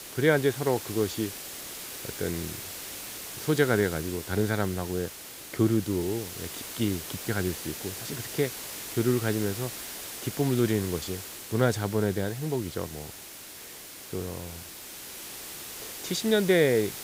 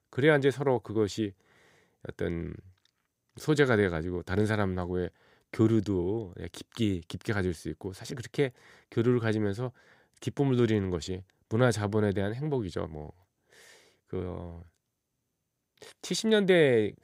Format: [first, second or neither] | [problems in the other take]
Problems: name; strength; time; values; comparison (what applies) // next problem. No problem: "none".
second | hiss; loud; throughout; 9 dB below the speech